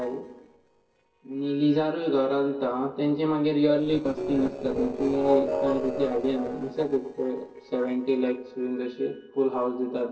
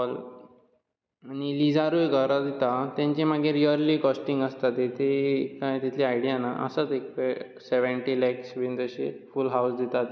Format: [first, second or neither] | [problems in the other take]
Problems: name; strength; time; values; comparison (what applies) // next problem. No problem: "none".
second | noise reduction (neural separator model SepFormer DNS4)